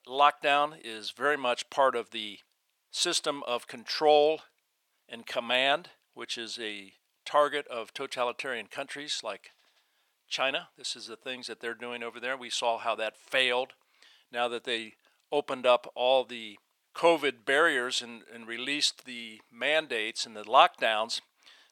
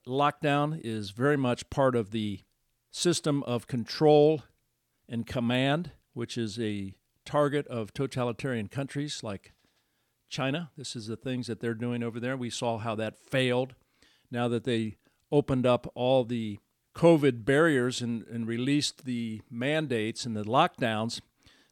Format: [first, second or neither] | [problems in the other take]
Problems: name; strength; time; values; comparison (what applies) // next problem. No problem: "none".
second | thin; very; fading below 550 Hz